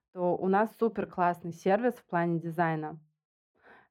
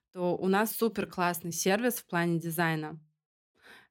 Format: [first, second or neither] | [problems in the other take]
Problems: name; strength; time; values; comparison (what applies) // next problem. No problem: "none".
second | muffled; very; fading above 3 kHz